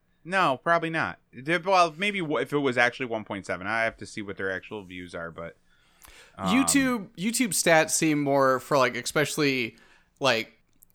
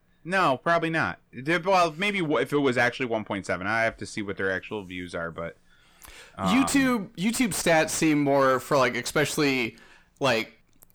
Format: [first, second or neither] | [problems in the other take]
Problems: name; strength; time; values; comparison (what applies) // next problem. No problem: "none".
first | distortion; slight; 10 dB below the speech